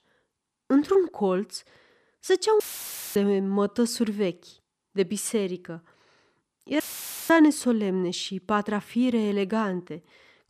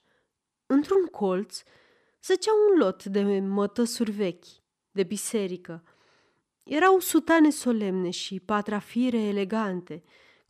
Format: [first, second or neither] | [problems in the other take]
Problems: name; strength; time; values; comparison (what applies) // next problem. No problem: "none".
second | audio cutting out; filled with static; at 2.5 s for 0.5 s and at 7 s for 0.5 s